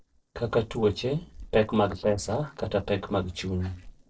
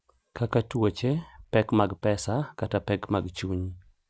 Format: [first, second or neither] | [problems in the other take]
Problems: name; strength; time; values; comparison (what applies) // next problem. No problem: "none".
second | noise reduction (neural separator model SepFormer DNS4)